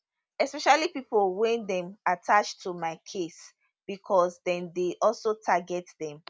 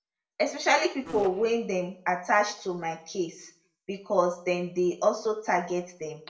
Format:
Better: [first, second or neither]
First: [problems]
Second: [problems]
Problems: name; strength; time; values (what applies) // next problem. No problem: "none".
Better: first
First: none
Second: noise reduction (neural separator model SepFormer DNS4)